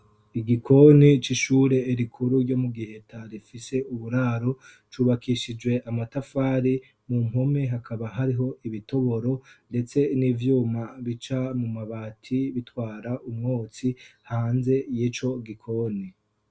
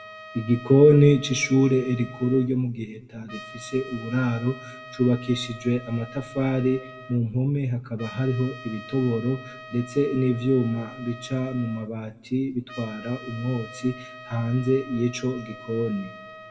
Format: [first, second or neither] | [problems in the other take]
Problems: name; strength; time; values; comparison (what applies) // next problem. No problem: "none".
first | background sound (Trumpet); 18 dB below the speech // room echo; dies away in 1.2 s